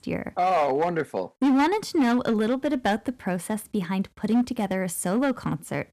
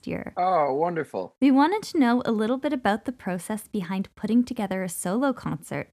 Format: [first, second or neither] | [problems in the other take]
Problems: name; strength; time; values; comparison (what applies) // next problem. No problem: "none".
second | distortion; slight; 7% of the sound clipped